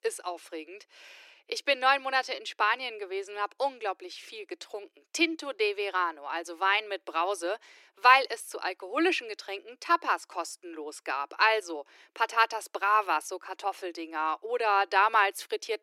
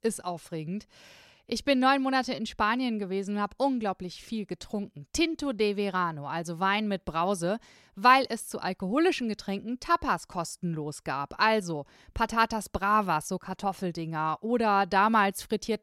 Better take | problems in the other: second | thin; very; fading below 300 Hz

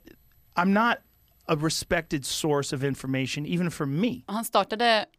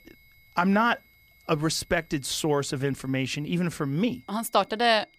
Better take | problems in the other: first | high-pitched whine; faint; throughout; 2 kHz, 30 dB below the speech

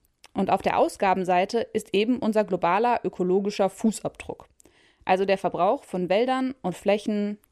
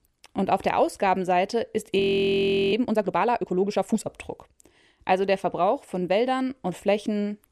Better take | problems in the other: first | audio freezing; at 2 s for 0.5 s

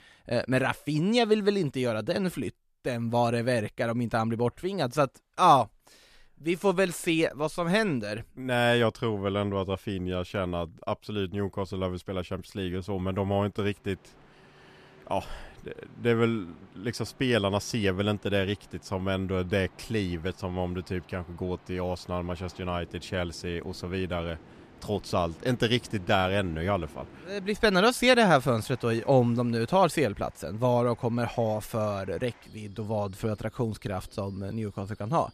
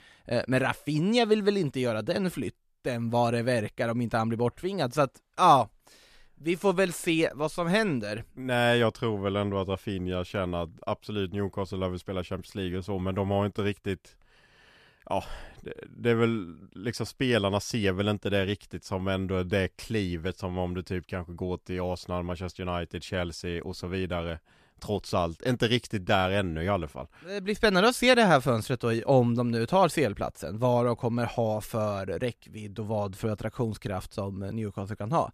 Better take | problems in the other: second | train or aircraft noise; faint; from 14 s on; 25 dB below the speech

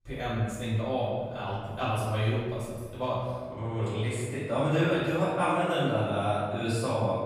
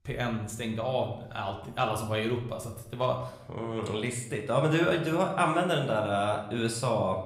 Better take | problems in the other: second | room echo; strong; dies away in 1.5 s; slight in the second // off-mic speech; far

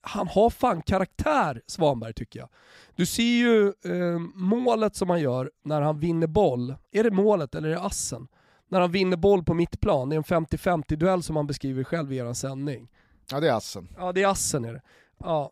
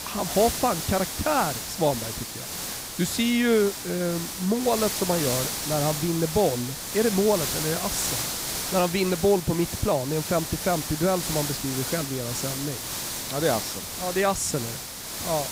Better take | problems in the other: first | hiss; loud; throughout; 4 dB below the speech

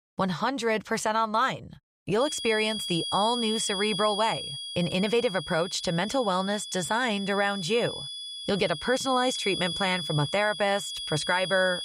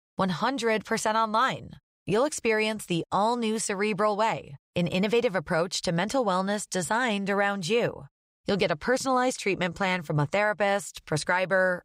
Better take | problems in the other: second | high-pitched whine; loud; from 2 s on; 3.5 kHz, 6 dB below the speech

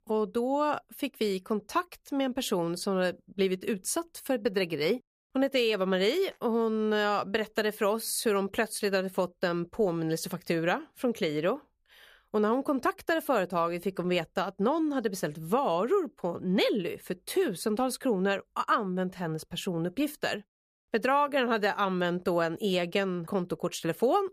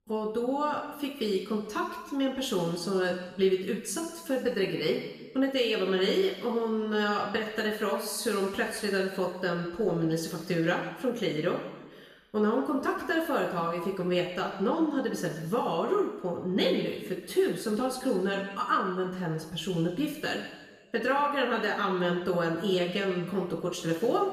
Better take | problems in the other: first | room echo; noticeable; dies away in 1.2 s // off-mic speech; somewhat distant

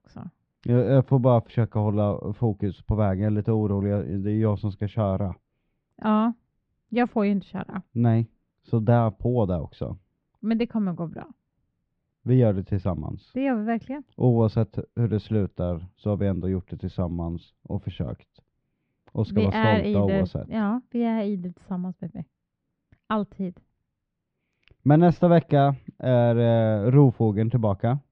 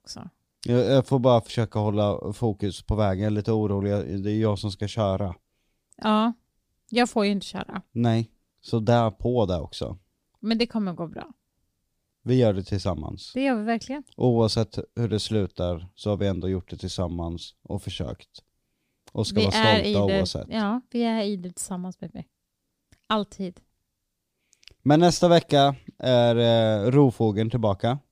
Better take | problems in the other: second | muffled; very; fading above 2.5 kHz

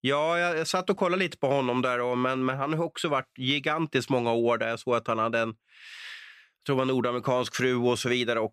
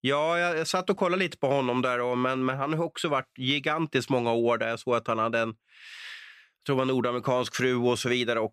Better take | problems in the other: neither | none

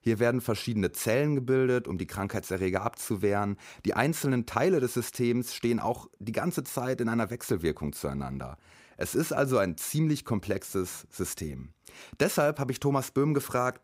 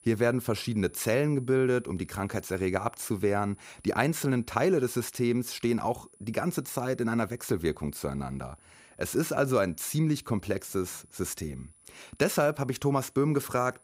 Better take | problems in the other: first | high-pitched whine; faint; throughout; 10 kHz, 30 dB below the speech

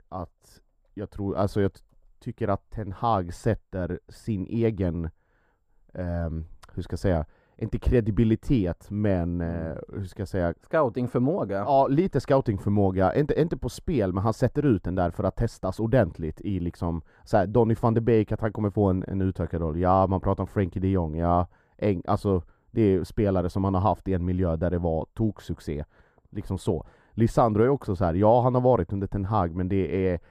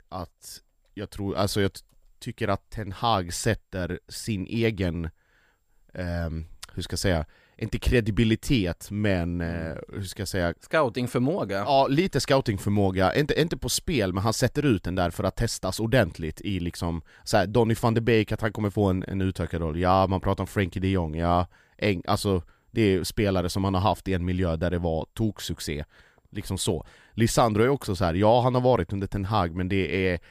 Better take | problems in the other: second | muffled; very; fading above 1 kHz

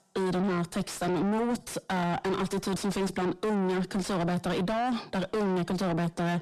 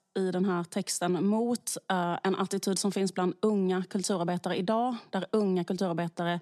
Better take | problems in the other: second | distortion; heavy; 6 dB below the speech

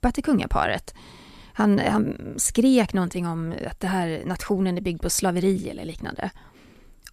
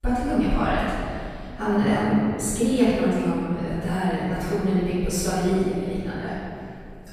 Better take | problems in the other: first | off-mic speech; far // room echo; strong; dies away in 2.3 s

